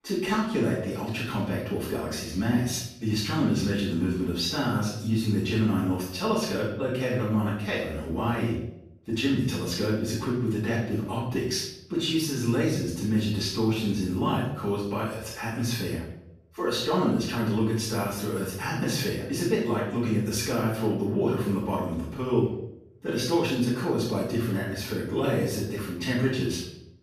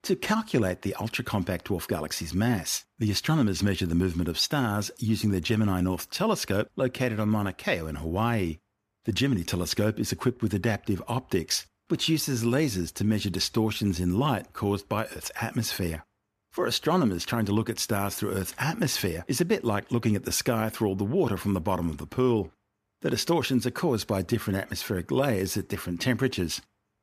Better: second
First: off-mic speech; far // room echo; noticeable; dies away in 0.6 s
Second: none

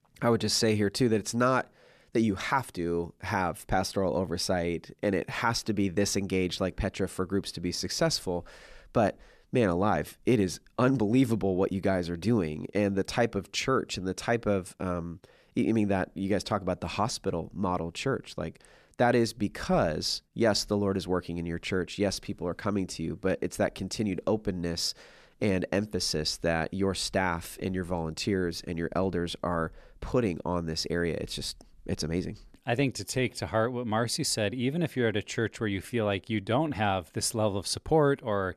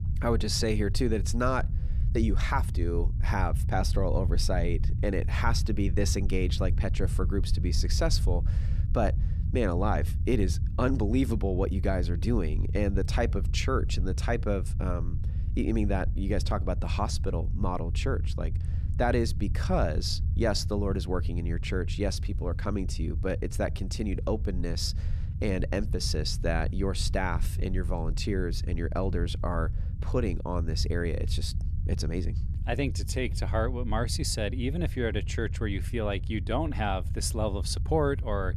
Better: first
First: none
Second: low rumble; noticeable; throughout; 15 dB below the speech

